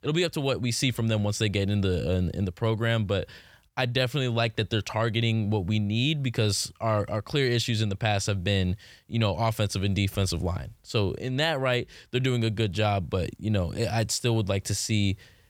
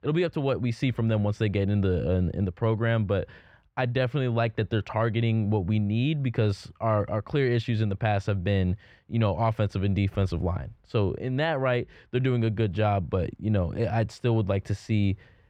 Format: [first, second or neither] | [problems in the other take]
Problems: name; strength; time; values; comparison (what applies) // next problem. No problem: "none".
first | muffled; very; fading above 4 kHz